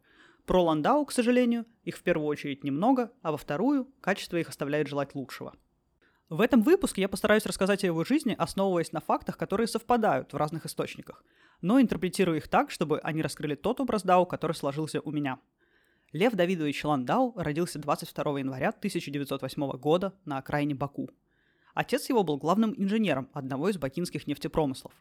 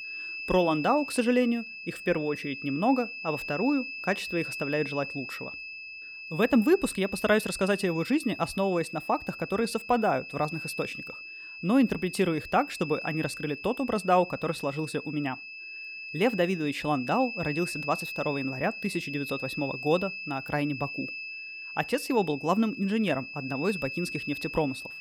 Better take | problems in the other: first | high-pitched whine; loud; throughout; 2.5 kHz, 8 dB below the speech

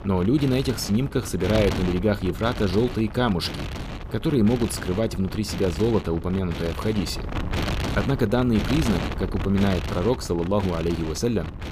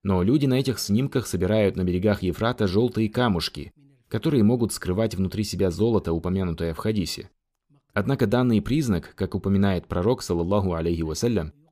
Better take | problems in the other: second | wind noise on the microphone; heavy; 7 dB below the speech

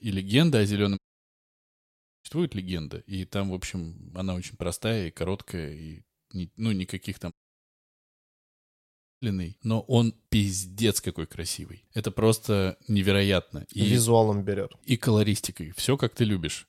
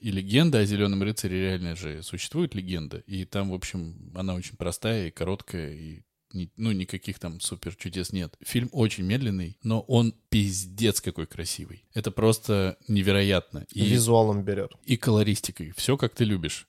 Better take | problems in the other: second | audio cutting out; at 1 s for 1.5 s and at 7.5 s for 2 s

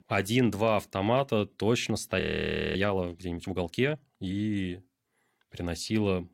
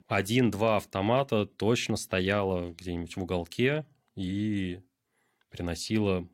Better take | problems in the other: second | audio freezing; at 2 s for 0.5 s

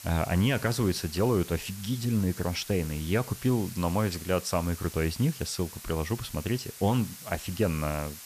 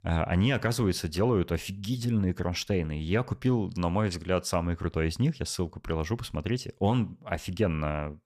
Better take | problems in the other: second | hiss; noticeable; throughout; 15 dB below the speech

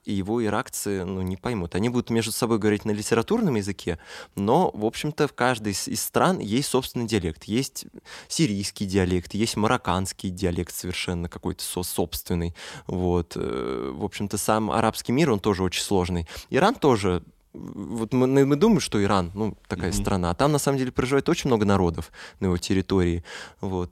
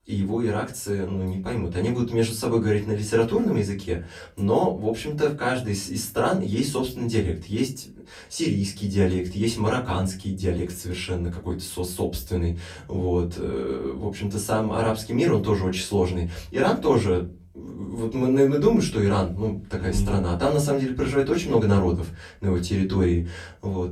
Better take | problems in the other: first | off-mic speech; far // room echo; very slight; dies away in 0.3 s

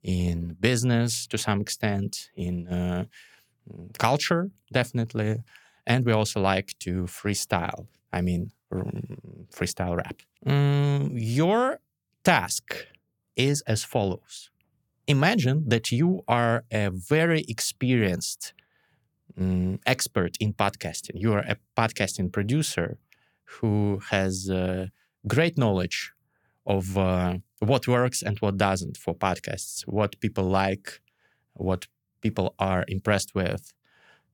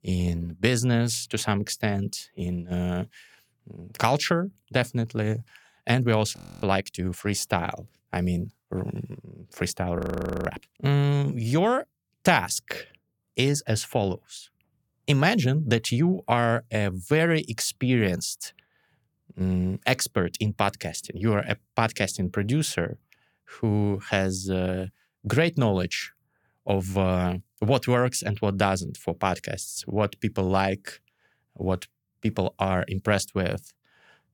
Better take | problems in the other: first | audio freezing; at 6.5 s and at 10 s

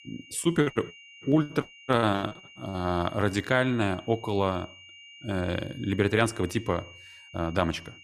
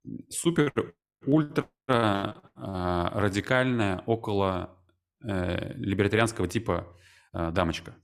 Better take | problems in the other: second | high-pitched whine; noticeable; throughout; 3 kHz, 20 dB below the speech

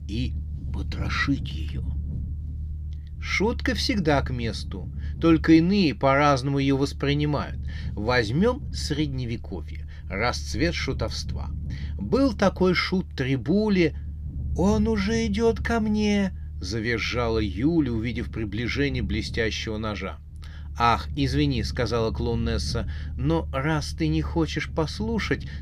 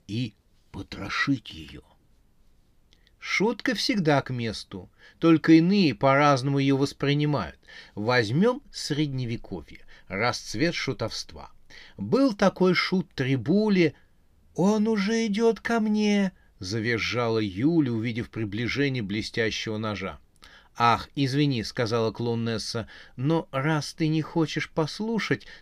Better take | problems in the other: second | low rumble; faint; throughout; 25 dB below the speech

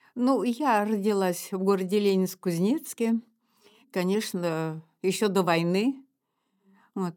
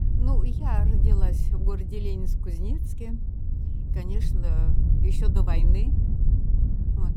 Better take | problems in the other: first | wind noise on the microphone; heavy; 1 dB below the speech

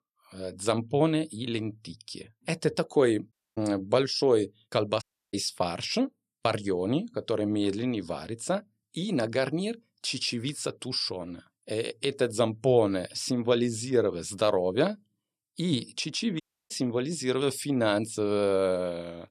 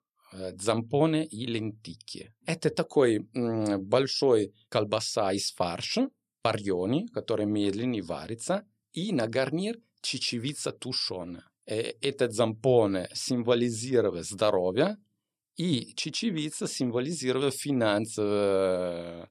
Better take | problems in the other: second | audio cutting out; at 3.5 s, at 5 s and at 16 s

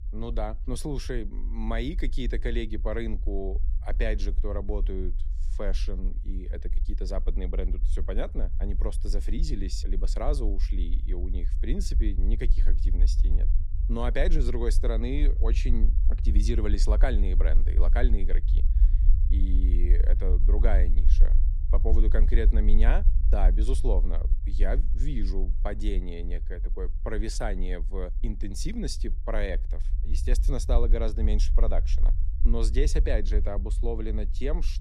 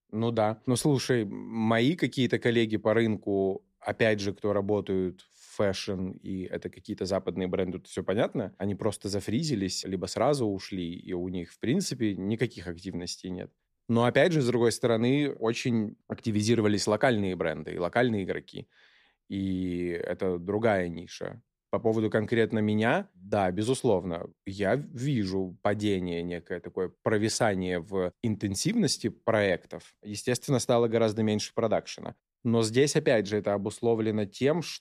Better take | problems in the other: second | low rumble; noticeable; throughout; 15 dB below the speech

